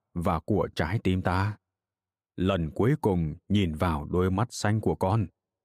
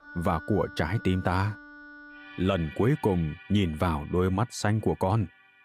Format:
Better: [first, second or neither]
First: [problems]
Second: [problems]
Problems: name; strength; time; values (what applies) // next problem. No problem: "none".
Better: first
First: none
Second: background music; noticeable; throughout; 20 dB below the speech